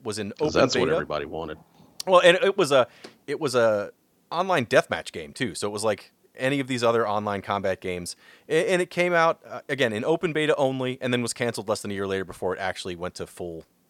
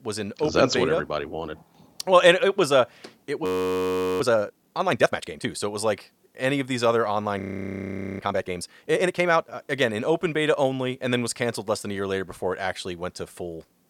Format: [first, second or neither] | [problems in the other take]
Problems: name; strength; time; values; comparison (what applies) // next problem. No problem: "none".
first | audio freezing; at 3.5 s for 1 s and at 7.5 s for 1 s